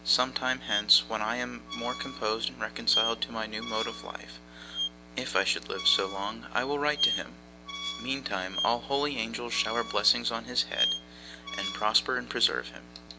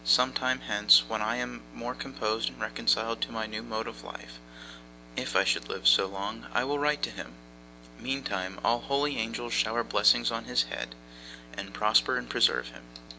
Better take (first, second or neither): second